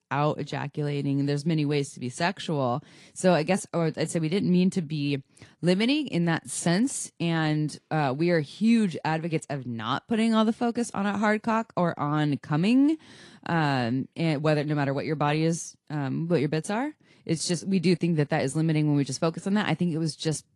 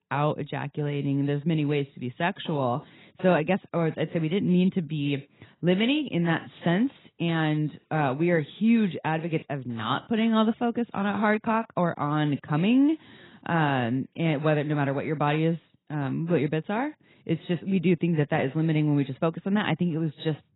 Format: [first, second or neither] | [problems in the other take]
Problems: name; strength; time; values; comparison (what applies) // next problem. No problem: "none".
first | garbled, watery; badly; nothing above 4 kHz; slightly in the first